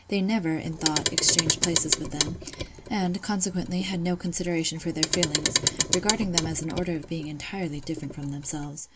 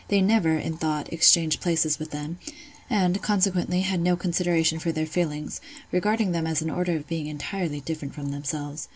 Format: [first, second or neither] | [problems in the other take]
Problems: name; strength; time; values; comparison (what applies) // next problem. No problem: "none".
second | background sound (Clock); 1 dB below the speech